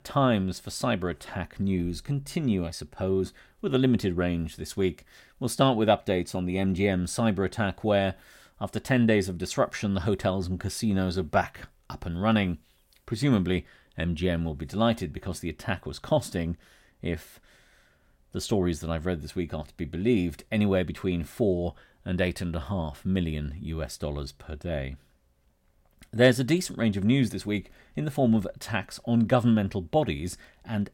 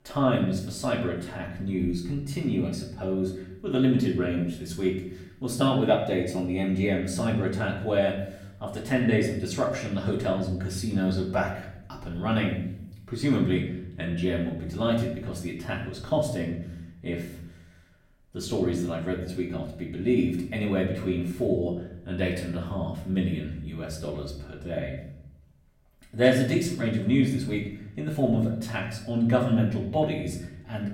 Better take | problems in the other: first | off-mic speech; far // room echo; slight; dies away in 0.7 s

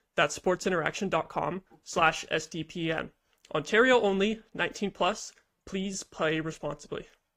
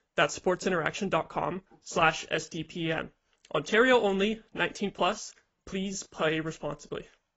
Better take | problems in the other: first | garbled, watery; badly; nothing above 7.5 kHz; slightly in the first

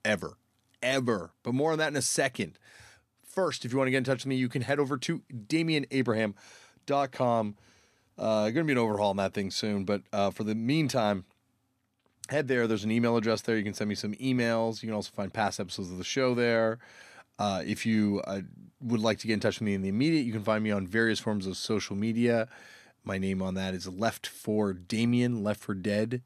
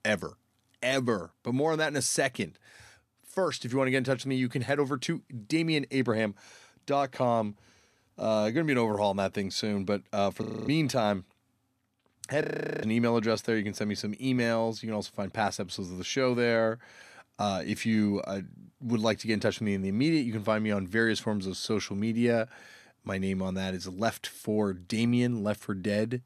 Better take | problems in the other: first | audio freezing; at 10 s and at 12 s

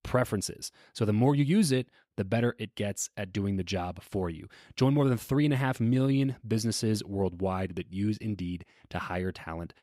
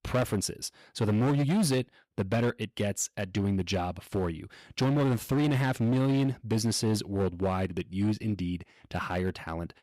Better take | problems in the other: first | distortion; slight; 11% of the sound clipped

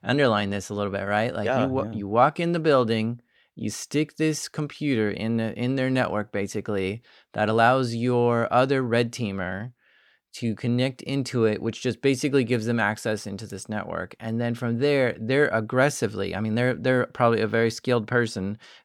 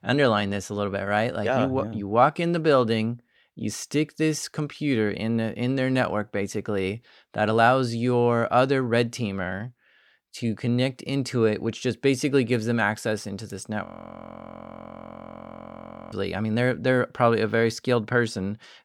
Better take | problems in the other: first | audio freezing; at 14 s for 2.5 s

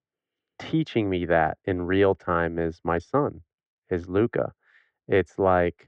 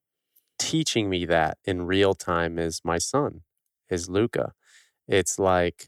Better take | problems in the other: second | muffled; very; fading above 2 kHz

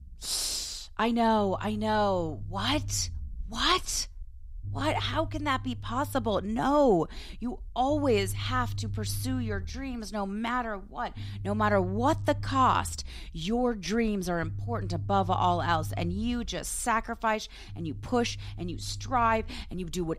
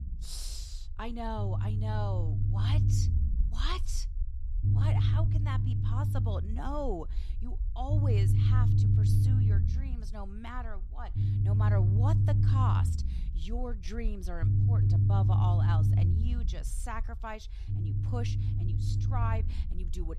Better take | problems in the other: first | low rumble; loud; throughout; 1 dB below the speech; faint in the first

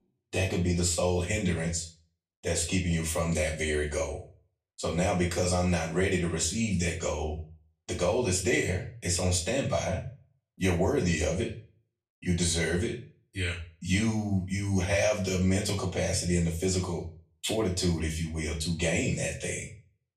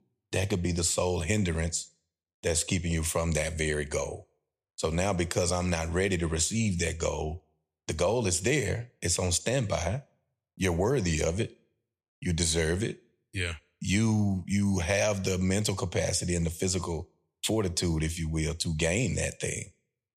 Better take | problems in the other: second | off-mic speech; far // room echo; slight; dies away in 0.3 s

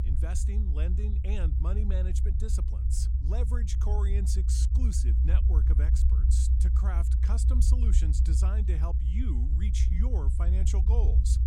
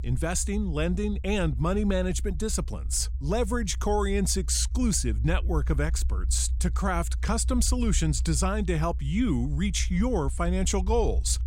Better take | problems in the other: second | low rumble; loud; throughout; 2 dB below the speech; faint in the second

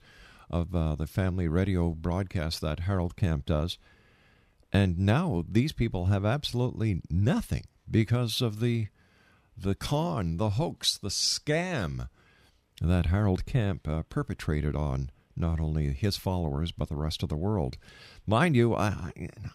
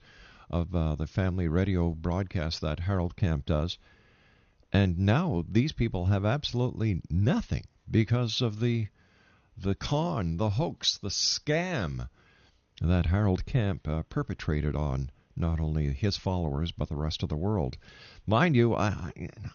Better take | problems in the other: first | garbled, watery; slightly; nothing above 6.5 kHz

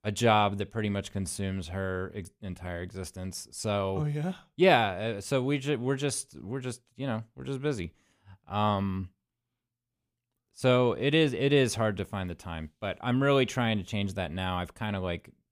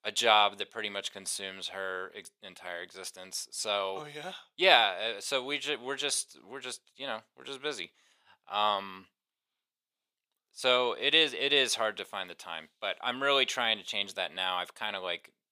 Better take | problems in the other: first | thin; very; fading below 600 Hz

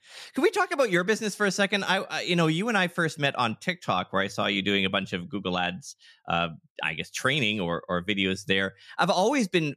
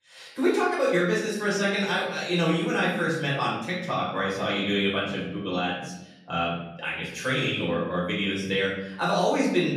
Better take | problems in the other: first | room echo; noticeable; dies away in 0.8 s // off-mic speech; far

